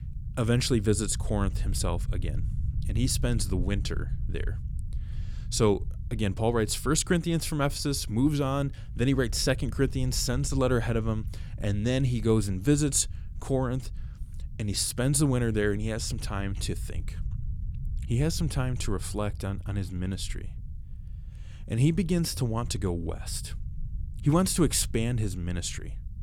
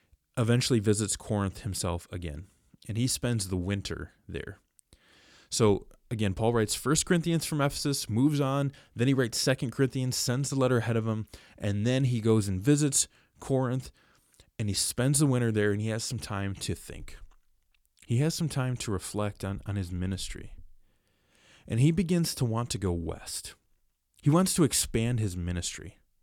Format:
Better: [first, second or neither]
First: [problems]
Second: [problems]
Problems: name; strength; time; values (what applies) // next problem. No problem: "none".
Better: second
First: low rumble; faint; throughout; 20 dB below the speech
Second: none